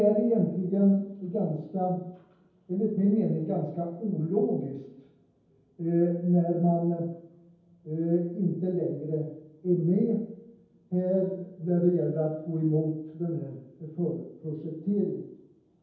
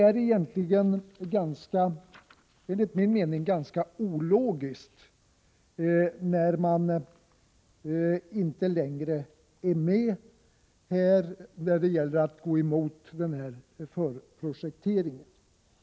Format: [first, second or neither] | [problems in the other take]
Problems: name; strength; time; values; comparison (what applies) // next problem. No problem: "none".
second | room echo; dies away in 0.9 s